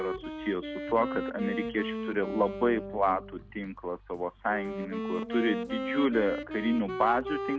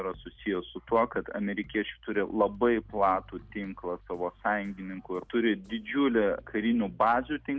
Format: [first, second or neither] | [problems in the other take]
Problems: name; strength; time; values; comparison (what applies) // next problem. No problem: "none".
second | background sound (Wind instrument, woodwind instrument); 6 dB below the speech